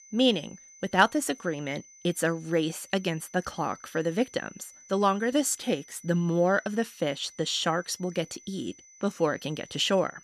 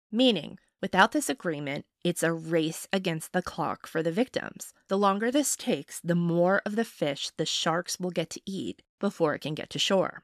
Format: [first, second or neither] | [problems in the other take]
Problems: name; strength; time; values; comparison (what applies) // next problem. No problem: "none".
second | high-pitched whine; faint; throughout; 6 kHz, 20 dB below the speech